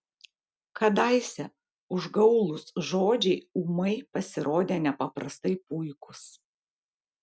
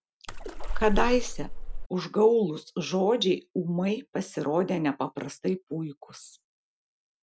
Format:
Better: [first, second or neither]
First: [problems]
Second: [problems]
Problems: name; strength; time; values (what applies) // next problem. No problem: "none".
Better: first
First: none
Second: background sound (Splash, splatter); 1 dB above the speech